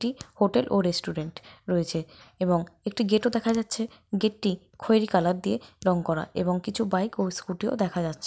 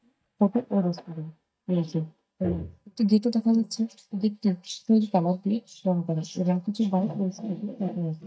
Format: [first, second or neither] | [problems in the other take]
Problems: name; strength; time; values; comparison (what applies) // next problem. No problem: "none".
first | noise reduction (neural mask model DeepFilterNet 3)